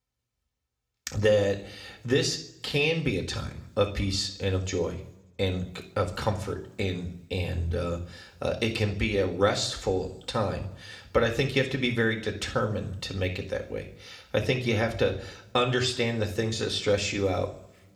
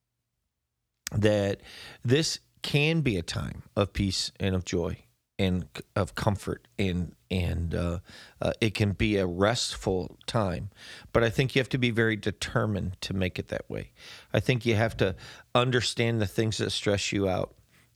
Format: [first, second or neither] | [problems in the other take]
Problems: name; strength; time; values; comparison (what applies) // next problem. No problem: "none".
second | room echo; slight; dies away in 0.7 s